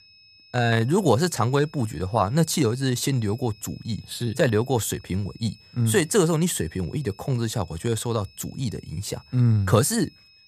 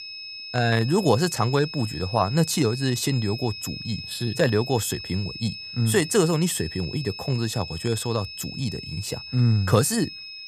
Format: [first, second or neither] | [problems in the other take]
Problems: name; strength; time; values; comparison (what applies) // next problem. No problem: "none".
first | high-pitched whine; loud; throughout; 5 kHz, 10 dB below the speech; faint in the first